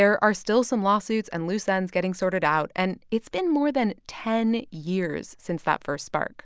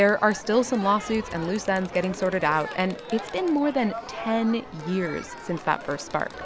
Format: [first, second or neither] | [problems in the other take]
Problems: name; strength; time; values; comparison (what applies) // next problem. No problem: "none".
first | background sound (Crowd); 13 dB below the speech